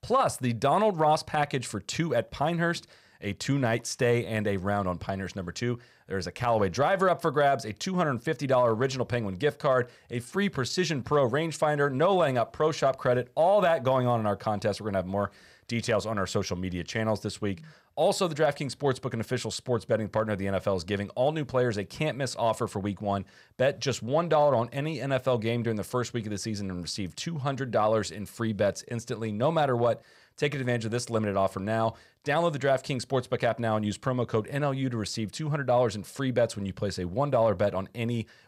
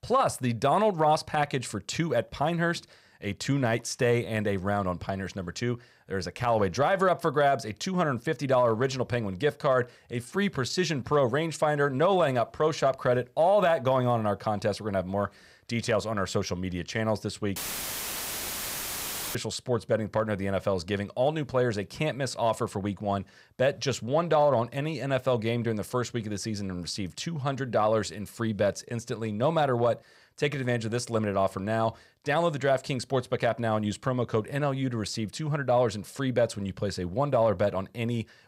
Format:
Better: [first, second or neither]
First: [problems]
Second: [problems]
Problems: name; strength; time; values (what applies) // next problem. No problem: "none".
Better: first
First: none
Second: audio cutting out; filled with static; at 18 s for 2 s